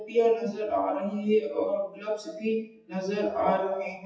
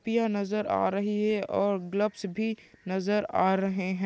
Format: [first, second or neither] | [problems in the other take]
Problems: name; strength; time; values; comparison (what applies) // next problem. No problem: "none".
second | noise reduction (classical method WPE with log-MMSE)